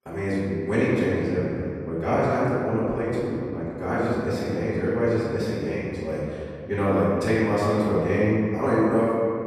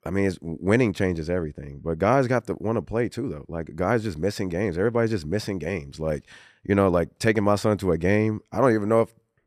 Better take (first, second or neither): second